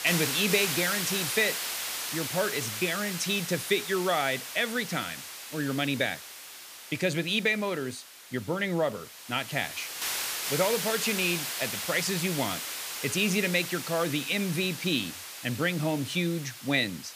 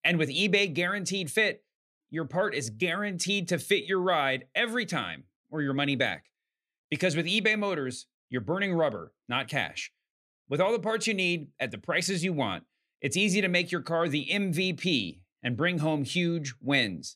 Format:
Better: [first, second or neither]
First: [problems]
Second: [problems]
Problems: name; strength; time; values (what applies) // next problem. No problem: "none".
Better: second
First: hiss; loud; throughout; 4 dB below the speech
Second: none